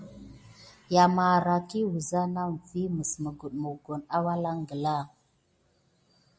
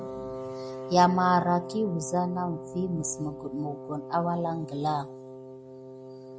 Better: first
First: none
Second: background sound (Wind instrument, woodwind instrument); 11 dB below the speech

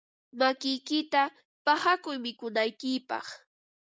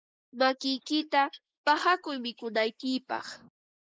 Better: first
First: none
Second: noise reduction (neural mask model Resemble Enhance denoiser)

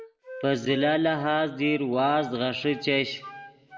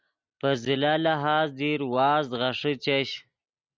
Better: second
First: background sound (Wind instrument, woodwind instrument); 17 dB below the speech // room echo; dies away in 0.9 s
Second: none

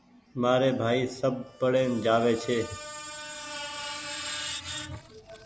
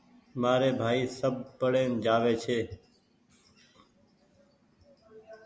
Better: second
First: background sound (Screech); 11 dB below the speech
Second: none

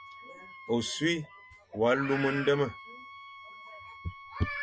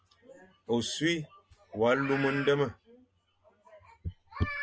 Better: second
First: background sound (Wind instrument, woodwind instrument); 18 dB below the speech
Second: none

